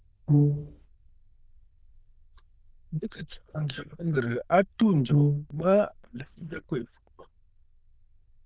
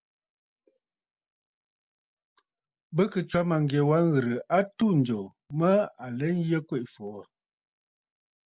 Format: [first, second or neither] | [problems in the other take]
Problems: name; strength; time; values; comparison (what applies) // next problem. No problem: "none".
second | noise reduction (neural diffusion model UNIVERSE++)